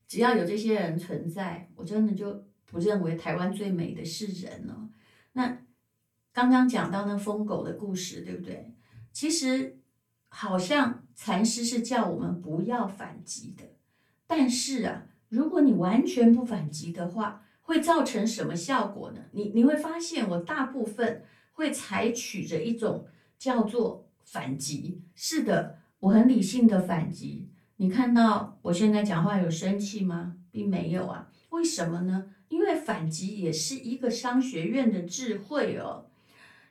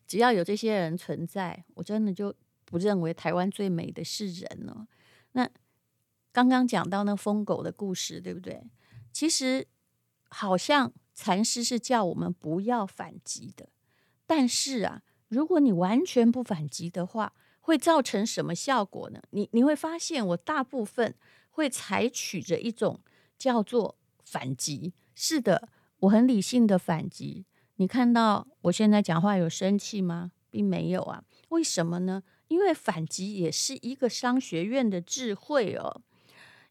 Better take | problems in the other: second | off-mic speech; far // room echo; very slight; dies away in 0.2 s

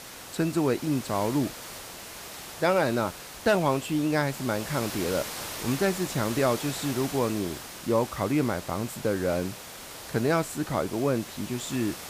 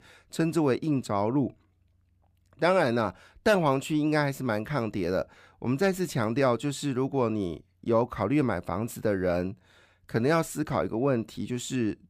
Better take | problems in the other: second | hiss; loud; throughout; 10 dB below the speech

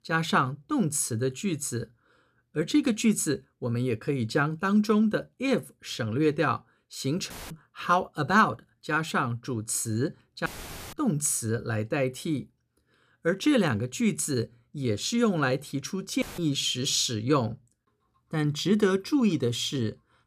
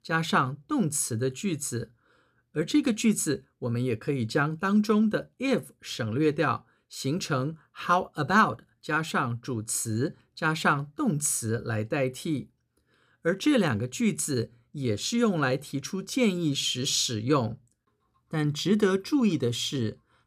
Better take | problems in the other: second | audio cutting out; filled with static; at 7.5 s, at 10 s and at 16 s

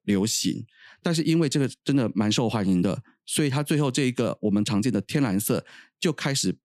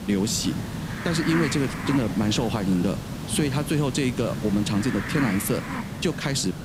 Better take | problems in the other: first | hiss; loud; throughout; 6 dB below the speech

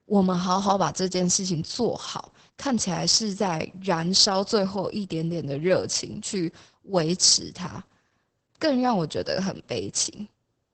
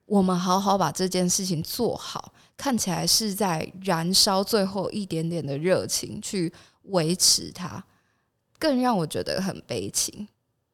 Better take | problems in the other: second | garbled, watery; badly; nothing above 8 kHz

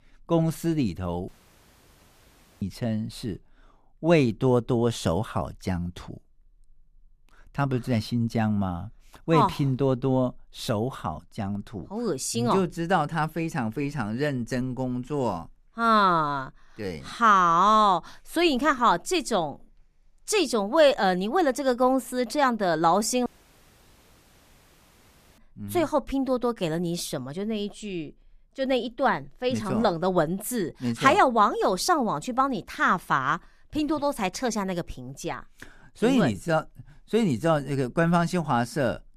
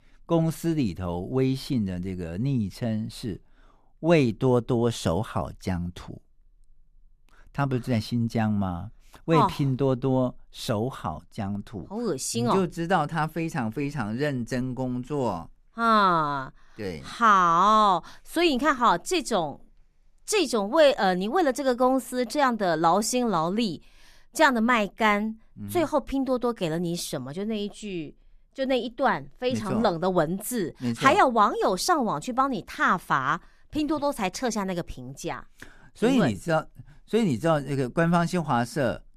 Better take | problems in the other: second | audio cutting out; at 1.5 s for 1.5 s and at 23 s for 2 s

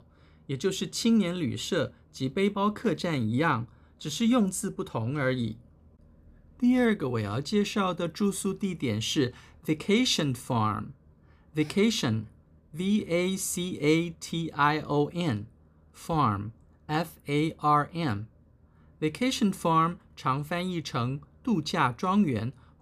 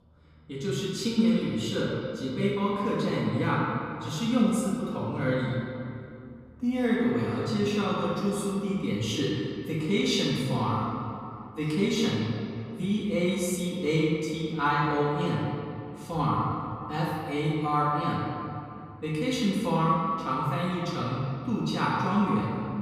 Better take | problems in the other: first | room echo; strong; dies away in 2.4 s // off-mic speech; far

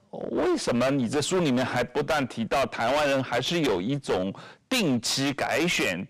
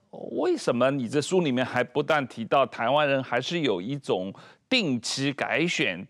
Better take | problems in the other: second | distortion; heavy; 22% of the sound clipped

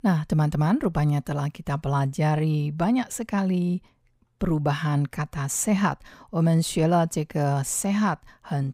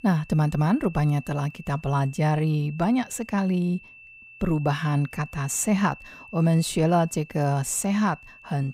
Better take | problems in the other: first | high-pitched whine; faint; throughout; 2.5 kHz, 20 dB below the speech

